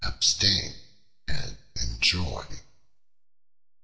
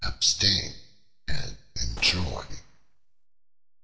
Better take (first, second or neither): first